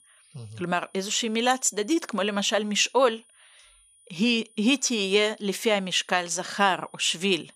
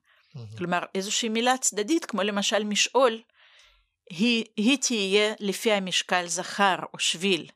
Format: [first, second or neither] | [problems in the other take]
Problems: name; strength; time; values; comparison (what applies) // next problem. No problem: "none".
second | high-pitched whine; faint; throughout; 9.5 kHz, 30 dB below the speech